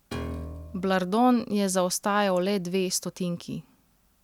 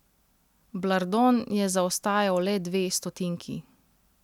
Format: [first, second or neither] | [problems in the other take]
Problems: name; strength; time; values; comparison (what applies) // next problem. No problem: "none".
second | background sound (Piano); 11 dB below the speech